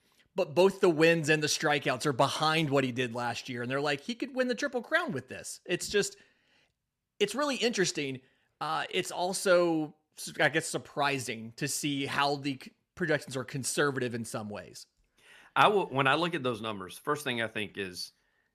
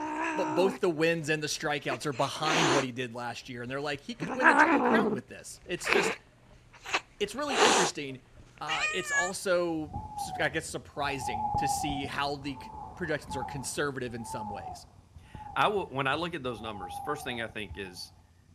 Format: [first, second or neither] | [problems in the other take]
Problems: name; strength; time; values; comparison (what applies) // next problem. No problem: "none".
first | animal sounds; very loud; throughout; 3 dB above the speech